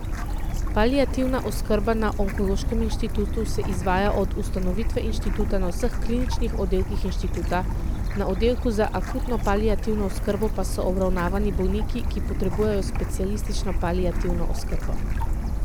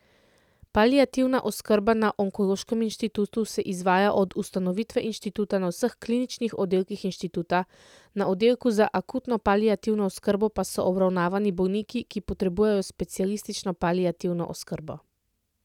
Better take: second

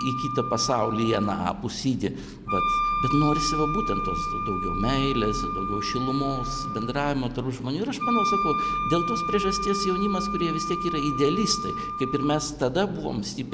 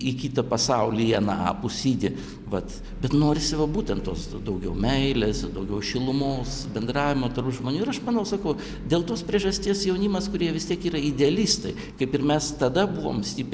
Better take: second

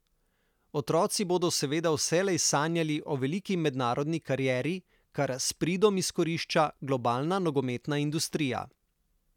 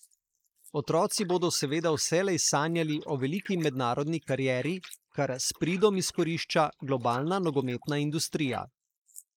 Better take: first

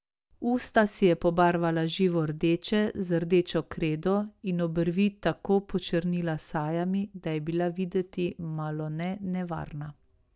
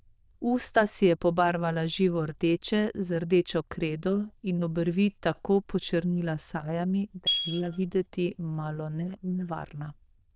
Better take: first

